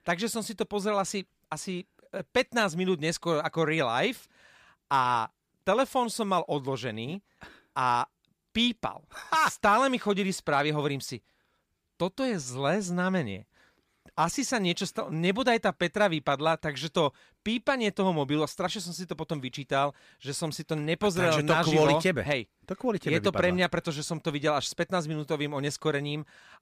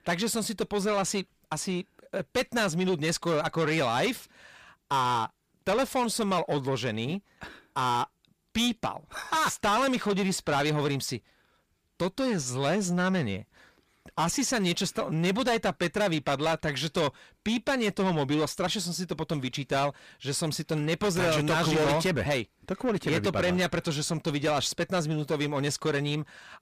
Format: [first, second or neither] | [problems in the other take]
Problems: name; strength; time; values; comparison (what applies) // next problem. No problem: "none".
first | distortion; heavy; 8 dB below the speech